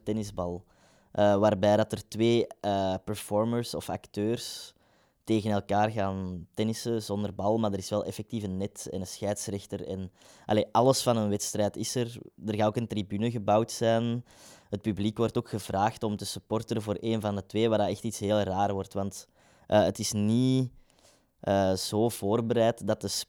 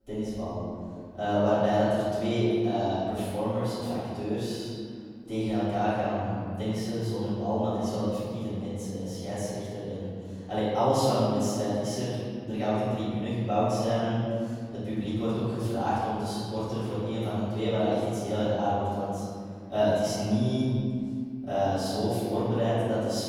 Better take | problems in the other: first | off-mic speech; far // room echo; strong; dies away in 2.3 s

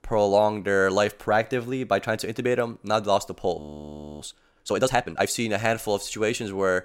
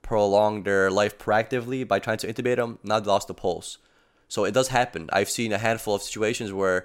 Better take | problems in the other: second | audio freezing; at 3.5 s for 0.5 s

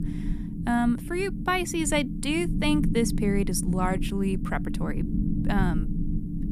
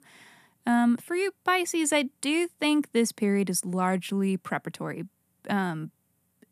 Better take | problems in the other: second | low rumble; loud; throughout; 9 dB below the speech

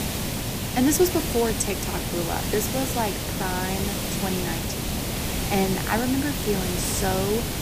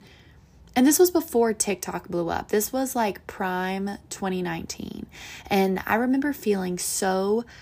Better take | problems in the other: second | hiss; loud; throughout; 1 dB below the speech

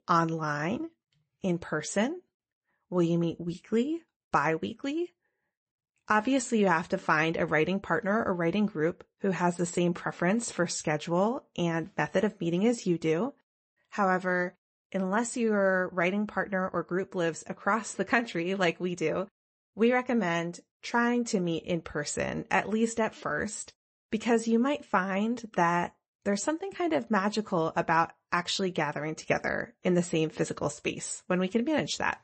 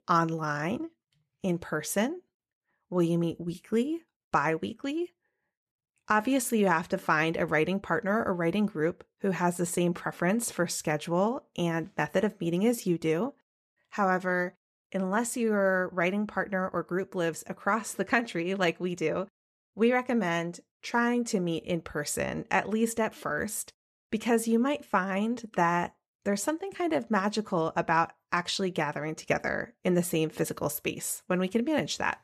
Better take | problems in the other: second | garbled, watery; slightly; nothing above 8 kHz

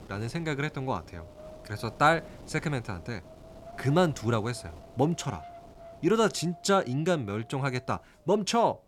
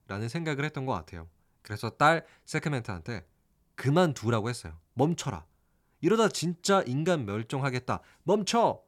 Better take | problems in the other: second | wind noise on the microphone; occasional gusts; 20 dB below the speech

